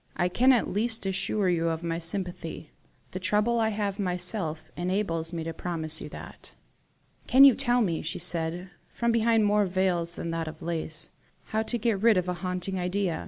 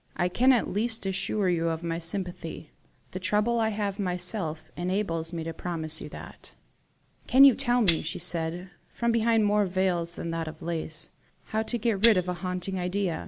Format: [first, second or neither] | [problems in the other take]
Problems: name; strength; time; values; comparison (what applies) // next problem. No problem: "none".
first | background sound (Tambourine); 6 dB below the speech